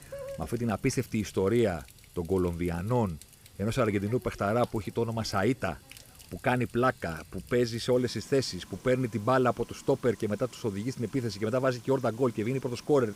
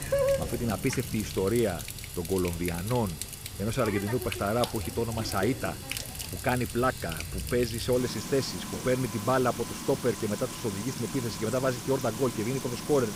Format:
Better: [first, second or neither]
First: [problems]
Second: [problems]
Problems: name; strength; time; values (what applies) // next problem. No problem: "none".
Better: first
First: household noises; faint; throughout; 20 dB below the speech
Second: household noises; loud; throughout; 6 dB below the speech